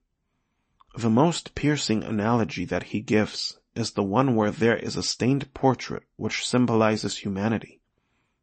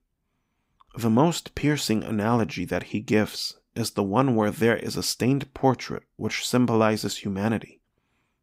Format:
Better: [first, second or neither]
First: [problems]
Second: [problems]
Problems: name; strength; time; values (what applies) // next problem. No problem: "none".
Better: second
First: garbled, watery; slightly; nothing above 8 kHz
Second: none